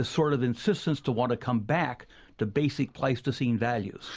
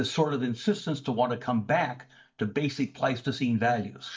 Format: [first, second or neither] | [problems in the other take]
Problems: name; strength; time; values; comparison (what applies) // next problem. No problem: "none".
first | noise reduction (neural mask model DeepFilterNet 3)